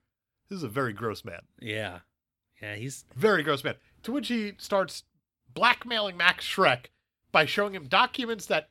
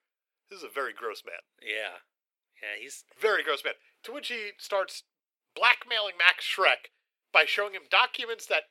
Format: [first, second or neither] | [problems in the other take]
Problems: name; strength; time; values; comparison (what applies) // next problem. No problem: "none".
first | thin; very; fading below 450 Hz